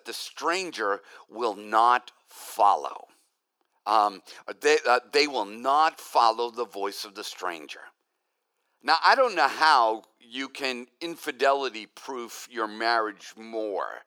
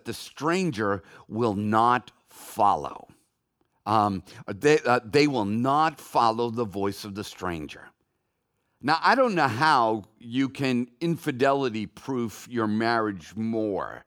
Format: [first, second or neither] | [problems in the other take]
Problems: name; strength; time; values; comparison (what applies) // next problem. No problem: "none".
second | thin; very; fading below 450 Hz